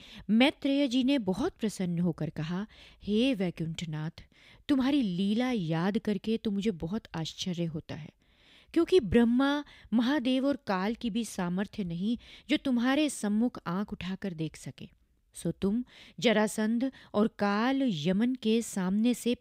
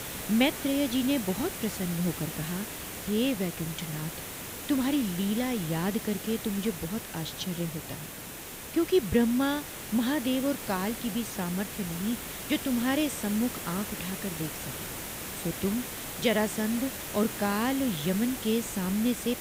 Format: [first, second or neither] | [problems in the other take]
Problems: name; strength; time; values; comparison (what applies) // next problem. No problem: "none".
first | hiss; loud; throughout; 7 dB below the speech